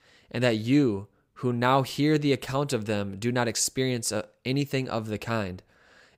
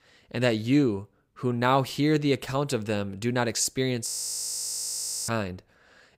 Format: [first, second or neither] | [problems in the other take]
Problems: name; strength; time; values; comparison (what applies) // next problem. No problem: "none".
first | audio freezing; at 4 s for 1 s